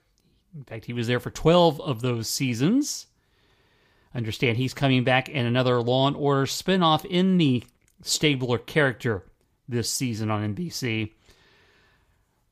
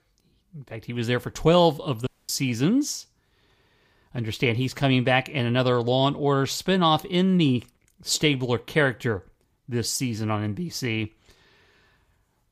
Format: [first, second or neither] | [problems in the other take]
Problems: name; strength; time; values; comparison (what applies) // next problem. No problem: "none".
first | audio cutting out; at 2 s